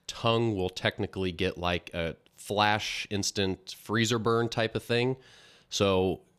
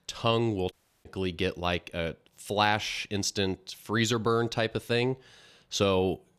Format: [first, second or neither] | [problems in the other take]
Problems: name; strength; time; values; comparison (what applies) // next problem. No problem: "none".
first | audio cutting out; at 0.5 s